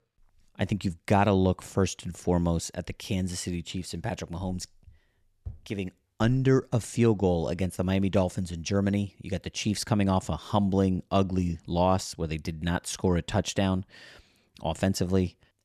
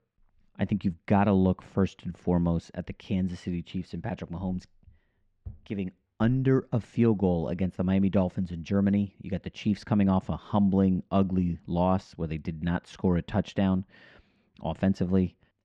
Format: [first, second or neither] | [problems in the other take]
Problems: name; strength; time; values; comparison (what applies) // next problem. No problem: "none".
first | muffled; slightly; fading above 2.5 kHz